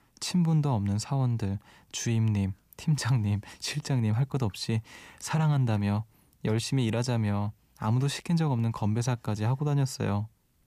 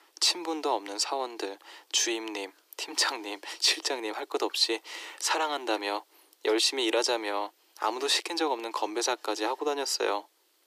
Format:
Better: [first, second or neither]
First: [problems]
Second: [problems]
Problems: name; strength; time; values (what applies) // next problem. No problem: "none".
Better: first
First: none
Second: thin; very; fading below 300 Hz